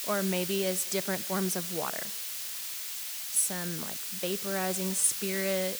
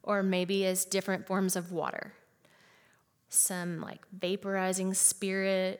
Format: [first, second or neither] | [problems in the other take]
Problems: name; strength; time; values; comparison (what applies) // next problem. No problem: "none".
second | hiss; loud; throughout; 3 dB below the speech